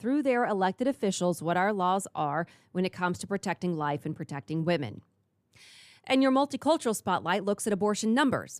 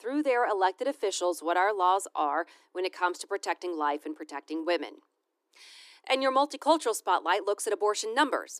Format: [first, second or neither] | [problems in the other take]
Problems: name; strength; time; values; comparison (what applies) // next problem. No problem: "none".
first | thin; somewhat; fading below 300 Hz